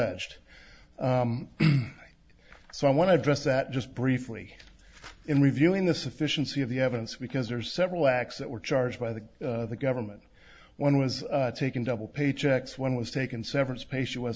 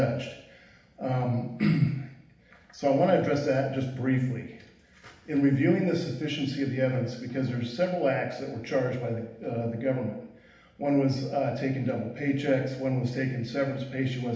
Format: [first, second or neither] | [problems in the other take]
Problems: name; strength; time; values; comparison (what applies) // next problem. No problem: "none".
first | room echo; dies away in 0.8 s